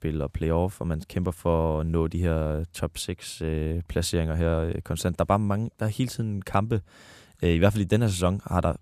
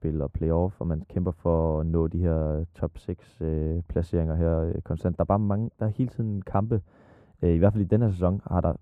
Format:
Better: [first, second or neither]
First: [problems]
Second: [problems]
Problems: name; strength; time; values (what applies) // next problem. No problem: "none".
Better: first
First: none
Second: muffled; very; fading above 2 kHz